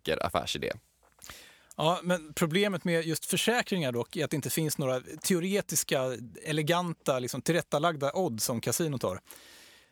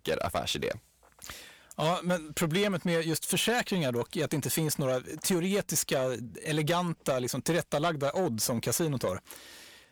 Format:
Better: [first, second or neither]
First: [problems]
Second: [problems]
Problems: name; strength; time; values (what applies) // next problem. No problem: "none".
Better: first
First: none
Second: distortion; slight; 10 dB below the speech